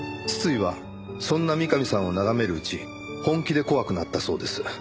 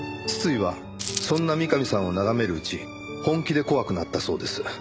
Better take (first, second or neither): first